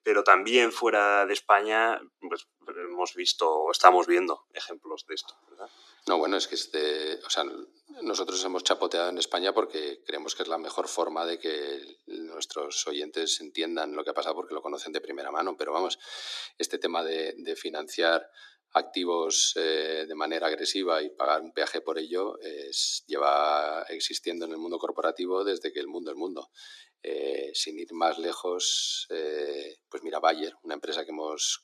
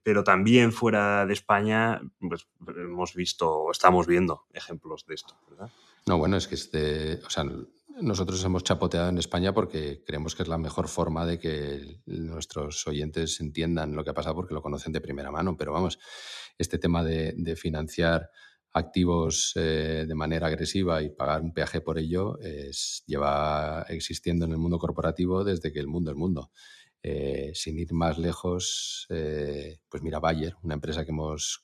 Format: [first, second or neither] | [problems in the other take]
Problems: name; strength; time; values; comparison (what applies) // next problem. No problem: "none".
second | thin; very; fading below 300 Hz